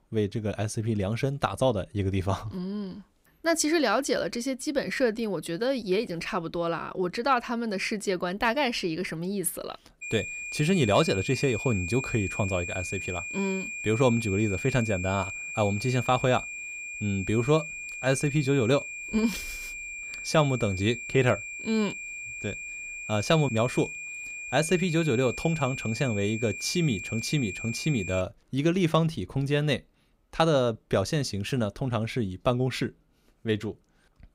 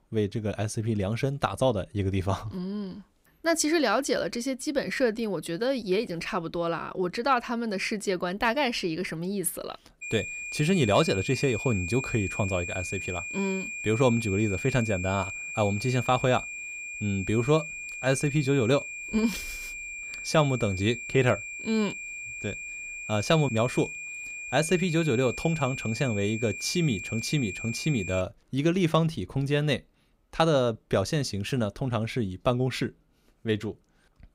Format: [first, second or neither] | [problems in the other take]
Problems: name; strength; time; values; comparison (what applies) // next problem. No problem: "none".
neither | high-pitched whine; loud; from 10 to 28 s; 2.5 kHz, 7 dB below the speech; the same in both